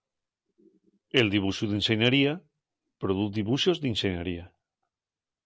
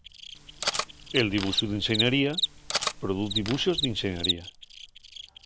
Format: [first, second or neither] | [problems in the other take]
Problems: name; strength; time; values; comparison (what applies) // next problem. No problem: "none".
first | background sound (Cricket + Cutlery, silverware); 3 dB below the speech